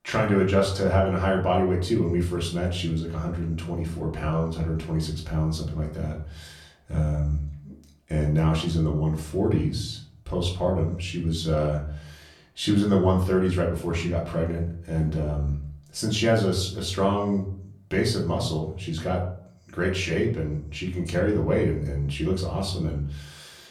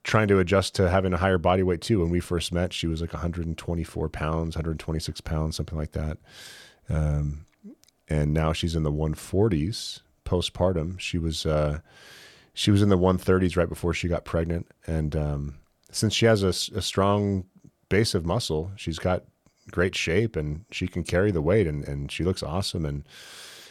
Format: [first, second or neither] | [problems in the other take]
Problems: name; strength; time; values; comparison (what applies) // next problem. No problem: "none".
second | off-mic speech; far // room echo; slight; dies away in 0.5 s